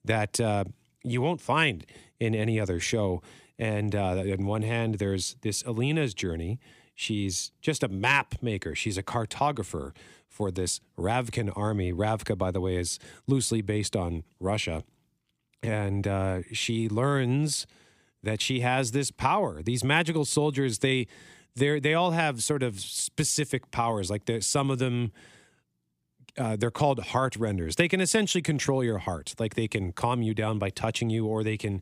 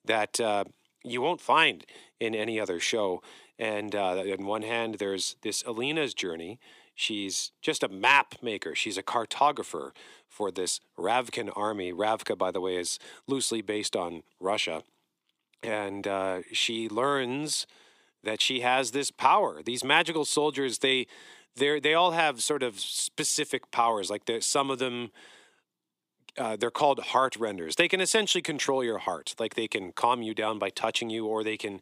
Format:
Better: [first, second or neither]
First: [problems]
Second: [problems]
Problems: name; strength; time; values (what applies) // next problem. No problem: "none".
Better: first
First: none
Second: thin; somewhat; fading below 350 Hz